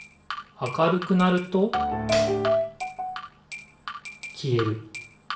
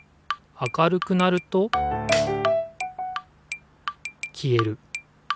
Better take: second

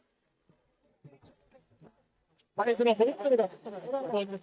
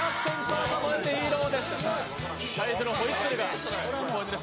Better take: second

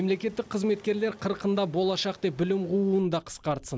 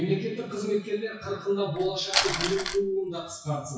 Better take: first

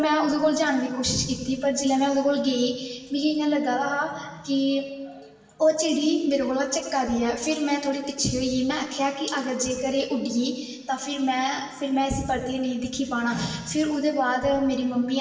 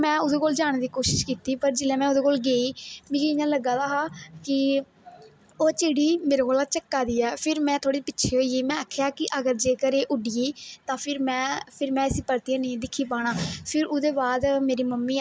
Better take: second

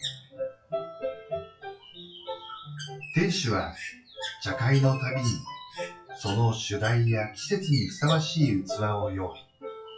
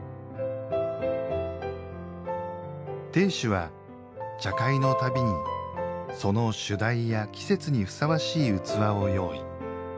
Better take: second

